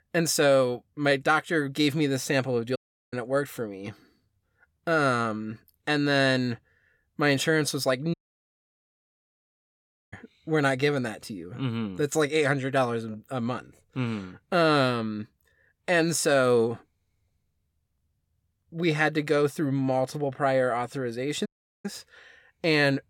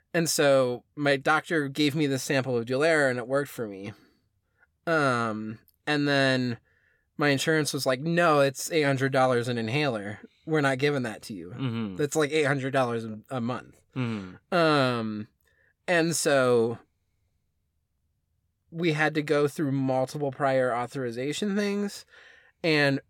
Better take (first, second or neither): second